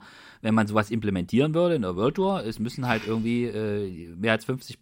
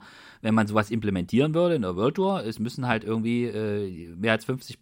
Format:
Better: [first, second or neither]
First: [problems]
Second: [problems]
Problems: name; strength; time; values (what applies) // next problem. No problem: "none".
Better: second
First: hiss; very faint; from 1.5 to 4 s; 15 dB below the speech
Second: none